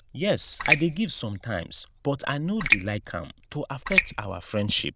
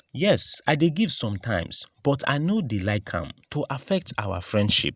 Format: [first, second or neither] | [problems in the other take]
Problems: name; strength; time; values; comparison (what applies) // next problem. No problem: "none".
second | noise reduction (neural diffusion model UNIVERSE++)